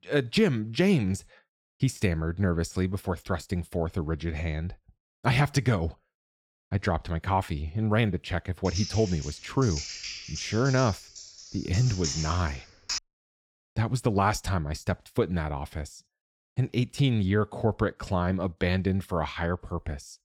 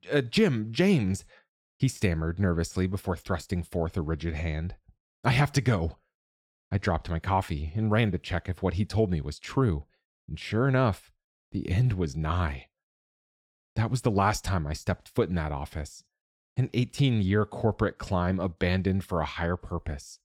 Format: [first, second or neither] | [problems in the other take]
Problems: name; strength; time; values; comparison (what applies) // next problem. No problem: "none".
second | keyboard typing; noticeable; from 8.5 to 13 s; peak 4 dB below the speech